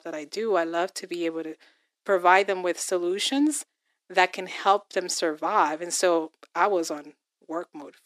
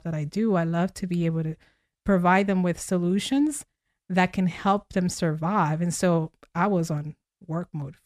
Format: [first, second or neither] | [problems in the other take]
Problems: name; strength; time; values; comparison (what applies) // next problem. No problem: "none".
second | thin; somewhat; fading below 300 Hz